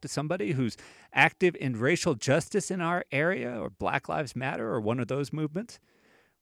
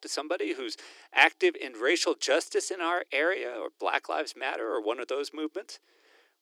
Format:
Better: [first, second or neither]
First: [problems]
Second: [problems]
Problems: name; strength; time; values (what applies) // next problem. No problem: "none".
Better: first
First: none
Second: thin; very; fading below 300 Hz